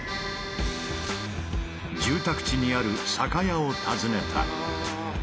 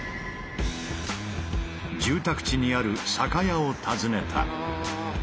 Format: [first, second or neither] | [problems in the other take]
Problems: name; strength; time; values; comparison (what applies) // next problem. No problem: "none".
second | background sound (Accordion); 7 dB below the speech